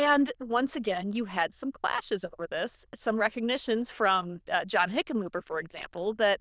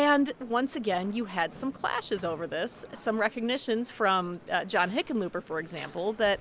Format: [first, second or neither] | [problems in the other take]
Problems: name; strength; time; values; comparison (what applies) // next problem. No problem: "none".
second | noise reduction (neural diffusion model UNIVERSE++)